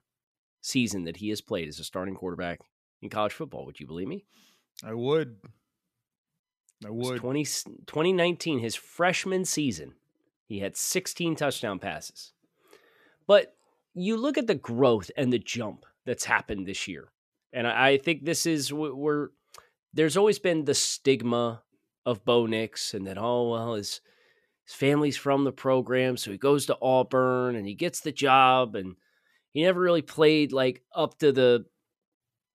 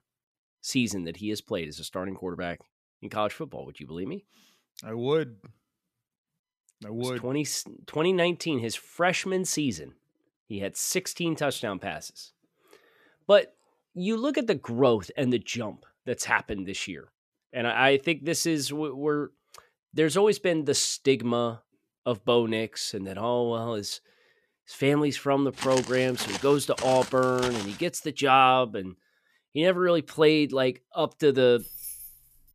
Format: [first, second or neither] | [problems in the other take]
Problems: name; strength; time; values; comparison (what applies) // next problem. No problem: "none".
first | footsteps; noticeable; from 26 to 28 s; peak 7 dB below the speech // jangling keys; faint; at 32 s; peak 10 dB below the speech